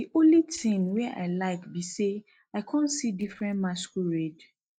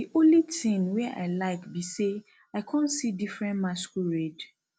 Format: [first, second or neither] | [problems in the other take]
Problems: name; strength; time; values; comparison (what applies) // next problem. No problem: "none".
second | noise reduction (neural mask model DeepFilterNet 3)